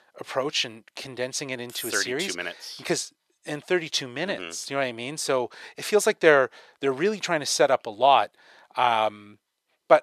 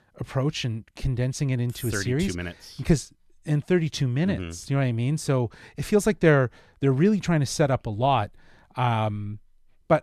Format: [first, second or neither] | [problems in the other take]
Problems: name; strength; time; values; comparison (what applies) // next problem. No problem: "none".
second | thin; very; fading below 550 Hz